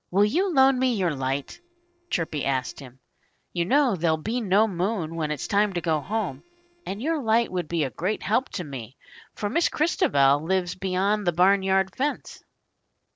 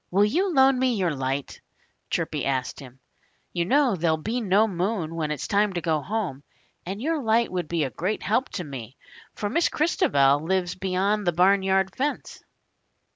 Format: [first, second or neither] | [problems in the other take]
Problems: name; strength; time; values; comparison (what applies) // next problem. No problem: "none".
second | noise reduction (neural separator model SepFormer DNS4)